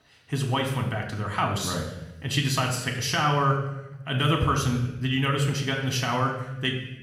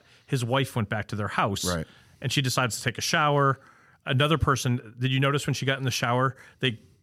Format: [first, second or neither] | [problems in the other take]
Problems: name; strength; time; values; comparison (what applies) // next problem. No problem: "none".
second | room echo; slight; dies away in 0.9 s // off-mic speech; somewhat distant